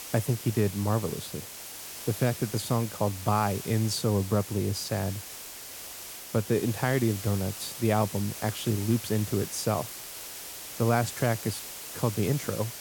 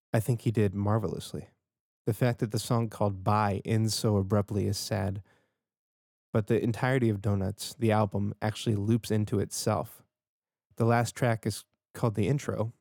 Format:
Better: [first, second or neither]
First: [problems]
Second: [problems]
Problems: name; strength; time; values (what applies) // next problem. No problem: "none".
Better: second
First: hiss; loud; throughout; 9 dB below the speech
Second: none